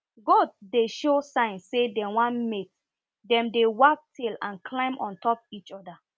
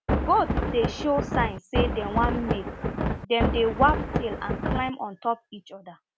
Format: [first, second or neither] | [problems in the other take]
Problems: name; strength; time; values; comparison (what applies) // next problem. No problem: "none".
first | background sound (Thunder); as loud as the speech